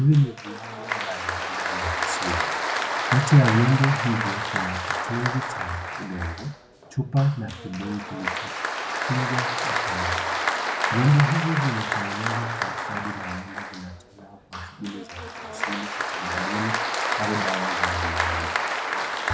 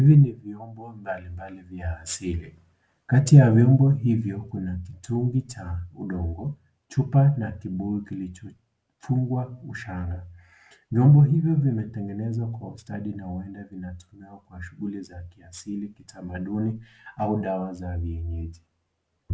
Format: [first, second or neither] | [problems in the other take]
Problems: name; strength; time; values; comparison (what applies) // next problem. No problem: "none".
second | background sound (Applause); 1 dB below the speech